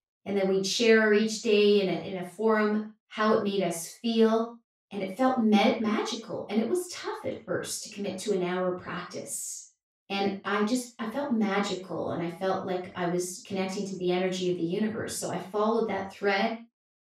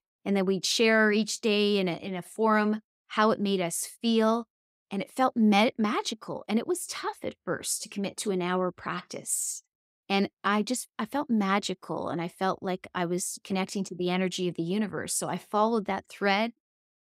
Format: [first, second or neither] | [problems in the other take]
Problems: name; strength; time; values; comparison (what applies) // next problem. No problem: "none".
second | room echo; noticeable; dies away in 0.3 s // off-mic speech; far